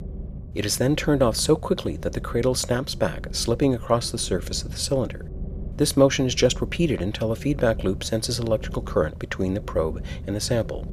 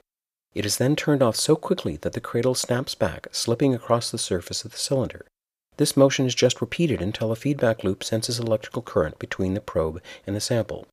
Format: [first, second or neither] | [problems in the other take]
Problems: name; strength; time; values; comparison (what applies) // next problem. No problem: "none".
second | low rumble; faint; throughout; 20 dB below the speech